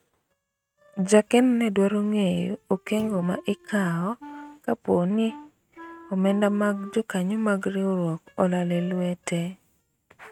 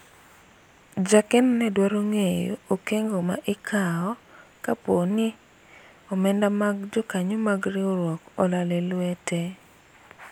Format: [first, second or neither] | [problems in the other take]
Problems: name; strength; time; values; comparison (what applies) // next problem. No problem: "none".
second | noise reduction (neural mask model RNNoise)